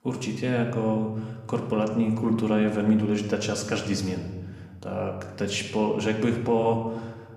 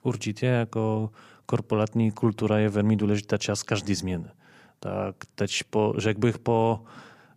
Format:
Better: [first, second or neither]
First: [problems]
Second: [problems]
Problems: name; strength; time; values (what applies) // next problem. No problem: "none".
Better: second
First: room echo; slight; dies away in 1.1 s // off-mic speech; somewhat distant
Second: none